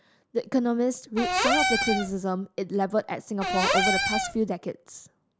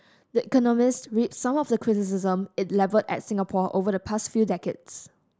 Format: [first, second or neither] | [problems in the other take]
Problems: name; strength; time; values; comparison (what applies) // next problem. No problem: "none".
second | background sound (Cupboard open or close / Door); 2 dB above the speech